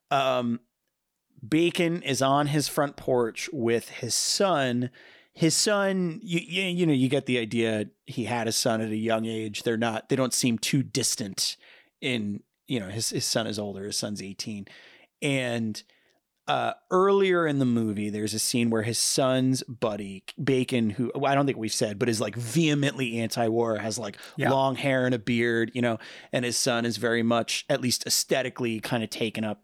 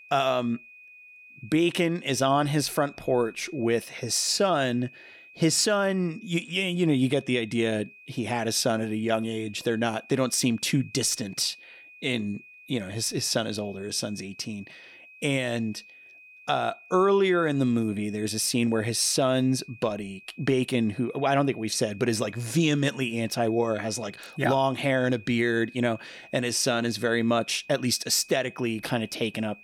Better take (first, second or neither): first